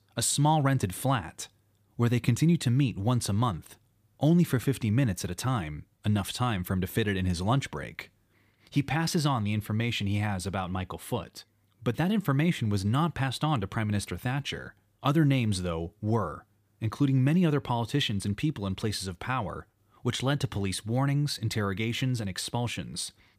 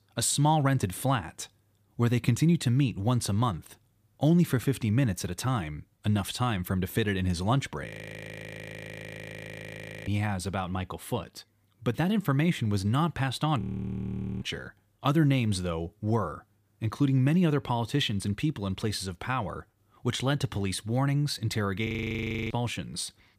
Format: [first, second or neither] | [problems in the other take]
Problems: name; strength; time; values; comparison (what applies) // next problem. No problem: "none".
first | audio freezing; at 8 s for 2 s, at 14 s for 1 s and at 22 s for 0.5 s